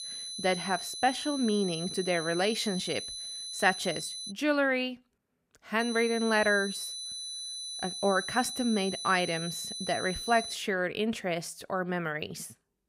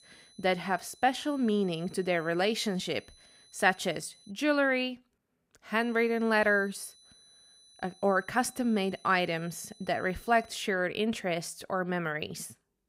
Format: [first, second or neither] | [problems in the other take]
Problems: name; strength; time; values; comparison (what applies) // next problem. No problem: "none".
second | high-pitched whine; loud; until 4.5 s and from 6 to 11 s; 4 kHz, 6 dB below the speech; faint in the second